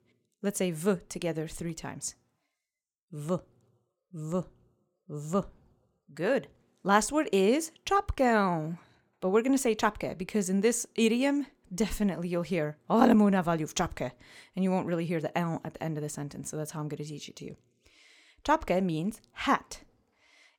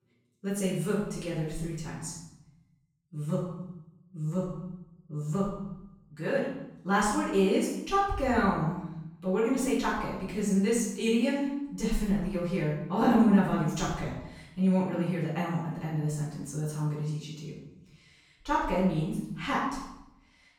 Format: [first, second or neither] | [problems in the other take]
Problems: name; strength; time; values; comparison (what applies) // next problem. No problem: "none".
first | off-mic speech; far // room echo; noticeable; dies away in 0.9 s